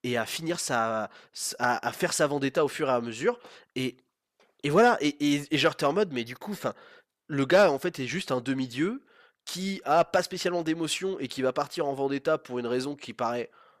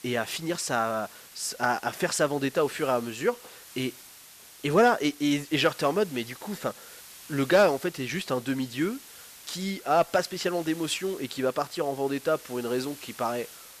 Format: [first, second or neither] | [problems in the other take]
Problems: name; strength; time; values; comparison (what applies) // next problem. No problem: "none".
first | hiss; noticeable; throughout; 20 dB below the speech